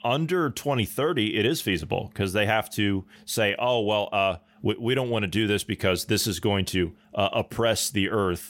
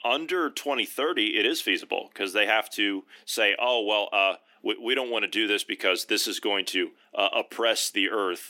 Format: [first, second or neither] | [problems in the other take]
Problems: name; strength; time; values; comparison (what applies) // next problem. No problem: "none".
first | thin; somewhat; fading below 300 Hz